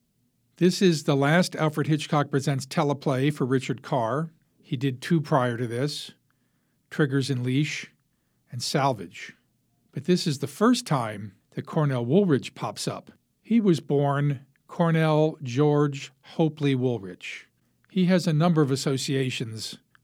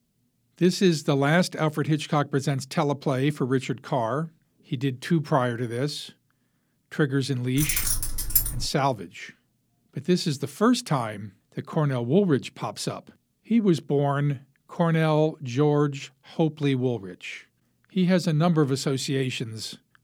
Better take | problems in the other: first | jangling keys; loud; from 7.5 to 8.5 s; peak 3 dB above the speech

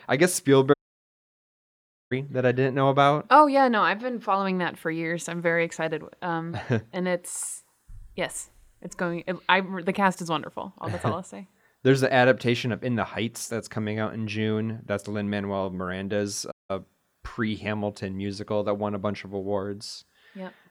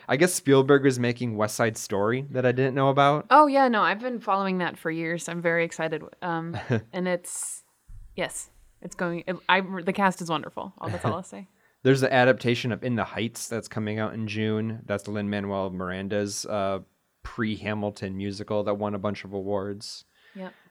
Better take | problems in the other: second | audio cutting out; at 0.5 s for 1.5 s and at 17 s

